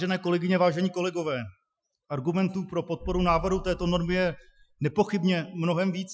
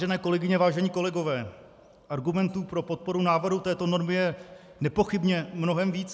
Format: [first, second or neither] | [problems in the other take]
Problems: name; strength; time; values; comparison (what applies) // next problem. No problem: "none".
second | noise reduction (classical method Wiener filter)